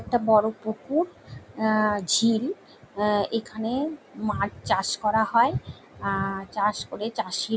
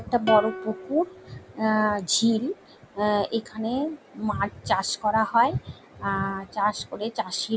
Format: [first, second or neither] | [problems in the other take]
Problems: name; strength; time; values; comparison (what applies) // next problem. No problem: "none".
first | background sound (Plucked string instrument); 13 dB below the speech